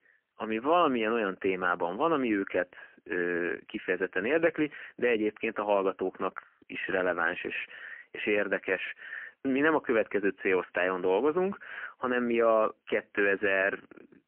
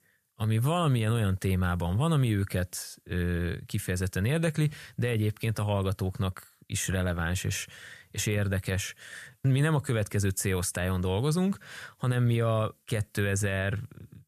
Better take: second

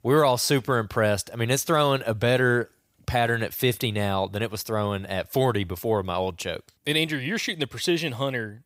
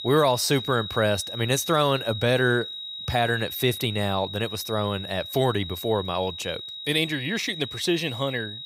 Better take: first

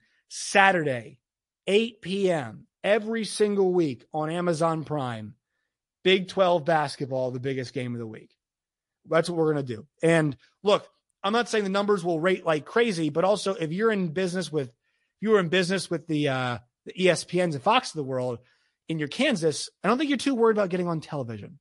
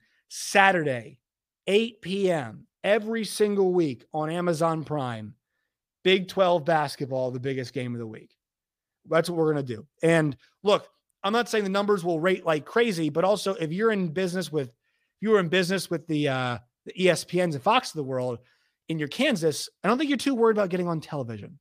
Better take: second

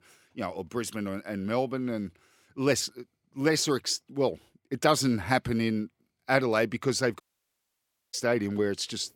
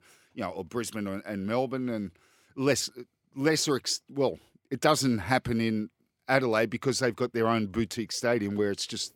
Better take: second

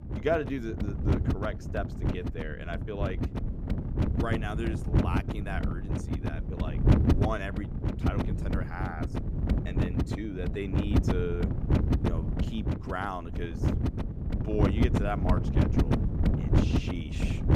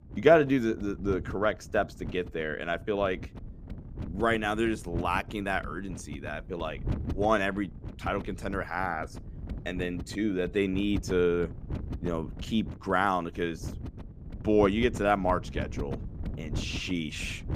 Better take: second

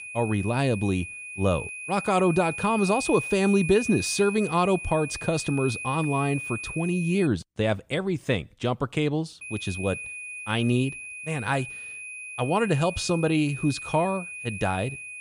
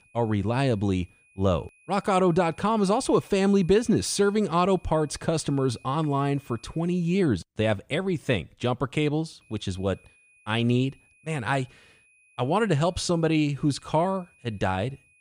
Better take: second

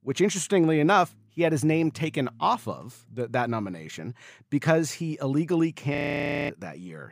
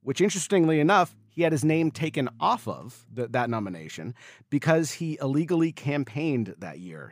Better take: second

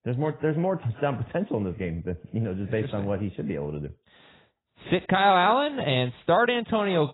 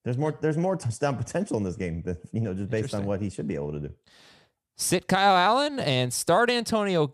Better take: second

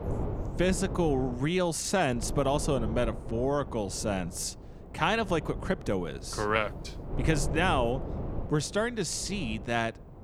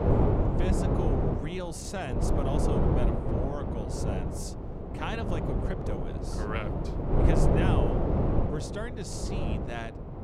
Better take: first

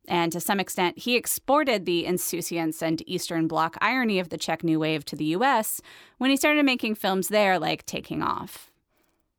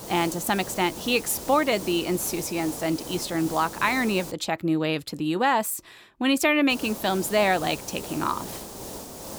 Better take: first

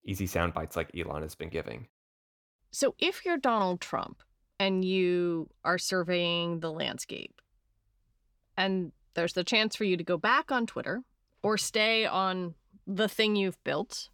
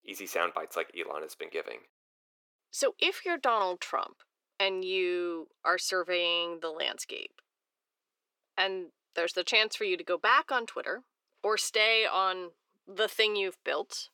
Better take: first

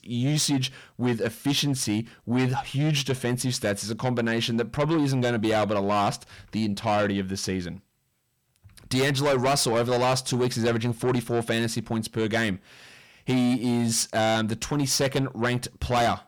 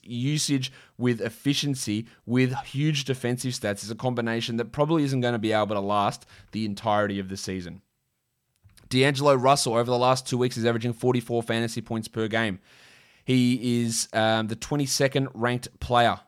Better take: second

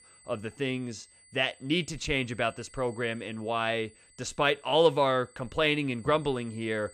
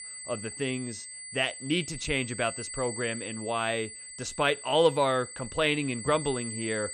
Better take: first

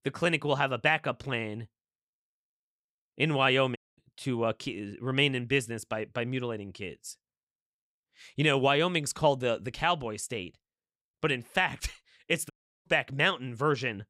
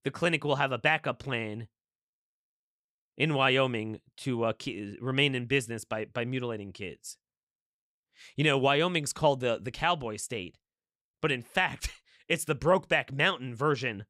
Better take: second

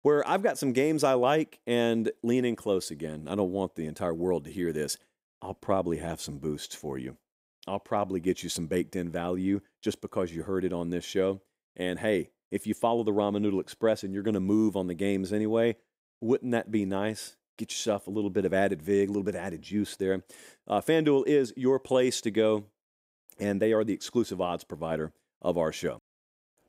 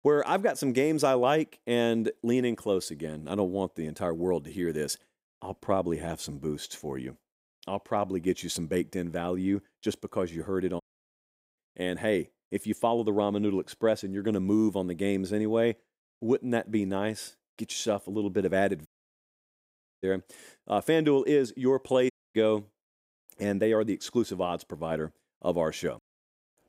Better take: first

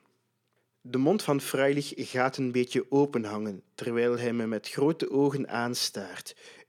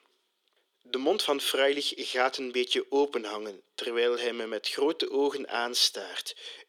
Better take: first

